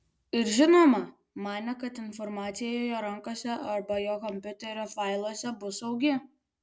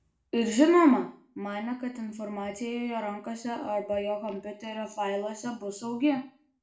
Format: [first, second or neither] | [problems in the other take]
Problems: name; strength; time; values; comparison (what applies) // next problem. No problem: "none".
first | room echo; dies away in 0.4 s